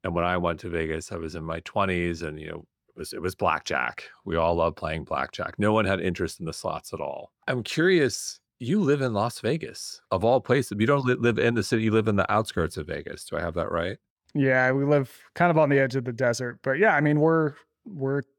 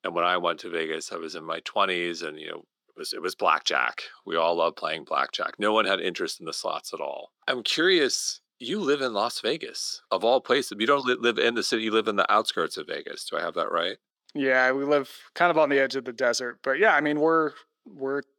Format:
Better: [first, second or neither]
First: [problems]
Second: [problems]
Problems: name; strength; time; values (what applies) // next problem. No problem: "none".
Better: first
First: none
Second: thin; somewhat; fading below 300 Hz